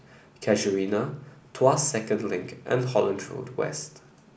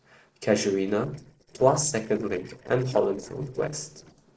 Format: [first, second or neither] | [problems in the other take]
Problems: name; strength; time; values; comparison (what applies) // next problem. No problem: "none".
first | noise reduction (neural separator model SepFormer DNS4)